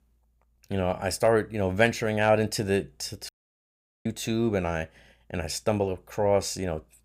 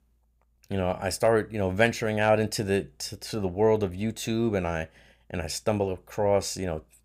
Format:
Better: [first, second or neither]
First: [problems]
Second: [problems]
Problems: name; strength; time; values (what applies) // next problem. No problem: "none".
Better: second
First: audio cutting out; at 3.5 s for 1 s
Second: none